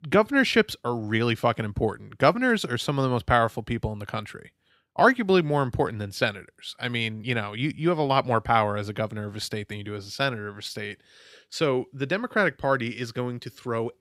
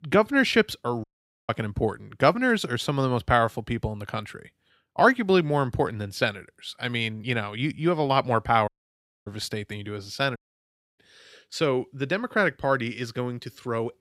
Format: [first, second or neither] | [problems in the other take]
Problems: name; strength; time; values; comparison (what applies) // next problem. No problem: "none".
first | audio cutting out; at 1 s, at 8.5 s for 0.5 s and at 10 s for 0.5 s